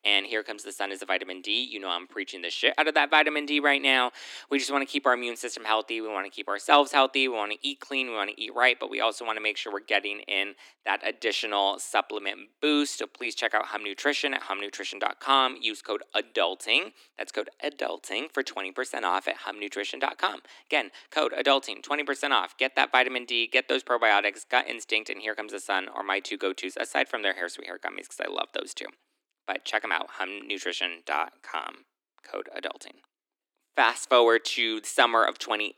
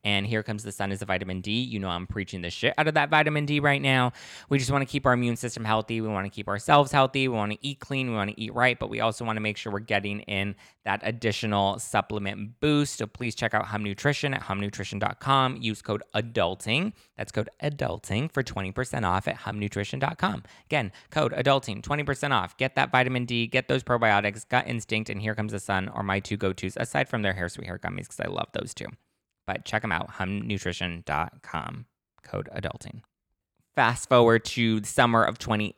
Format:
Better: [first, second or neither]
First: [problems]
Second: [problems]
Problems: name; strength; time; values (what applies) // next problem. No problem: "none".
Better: second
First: thin; somewhat; fading below 300 Hz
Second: none